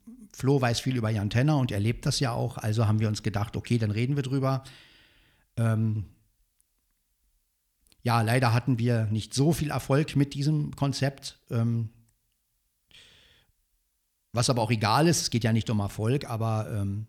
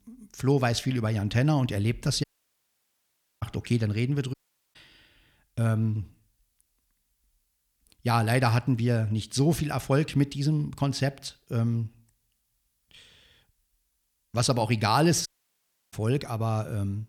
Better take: first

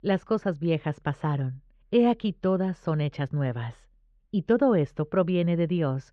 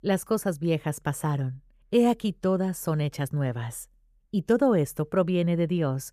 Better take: second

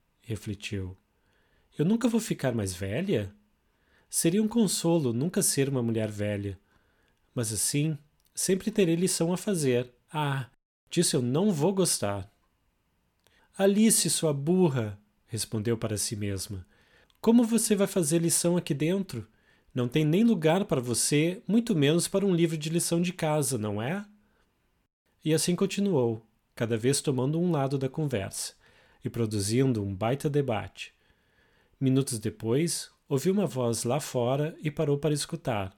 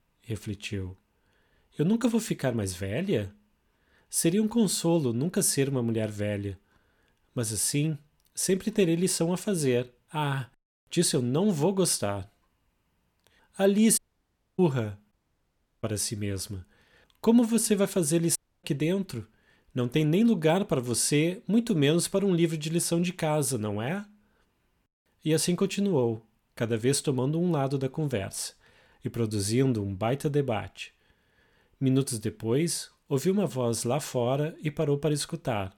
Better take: first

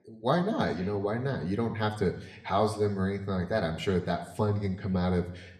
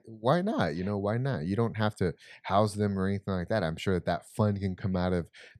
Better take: second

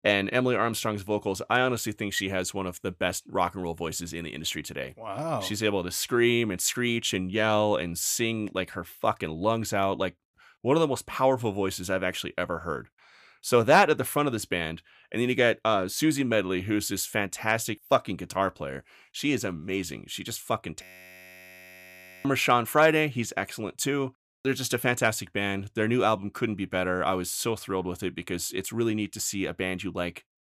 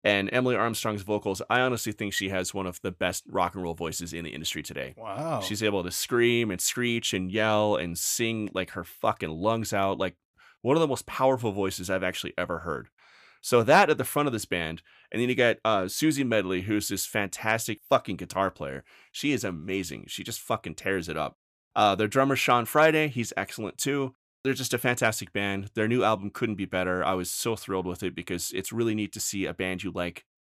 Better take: second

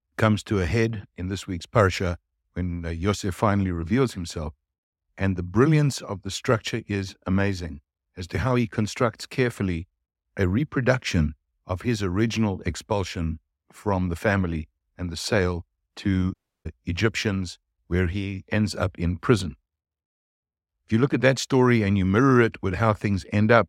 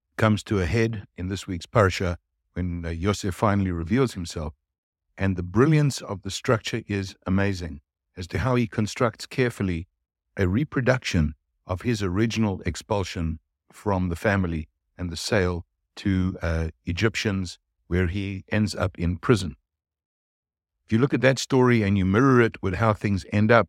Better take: second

